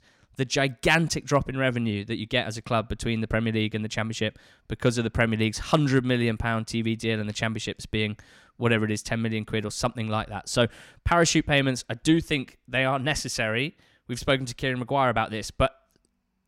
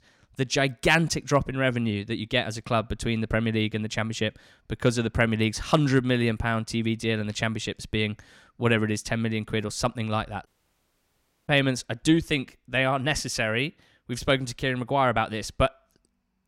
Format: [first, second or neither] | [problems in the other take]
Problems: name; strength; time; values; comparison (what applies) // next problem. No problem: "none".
first | audio cutting out; at 10 s for 1 s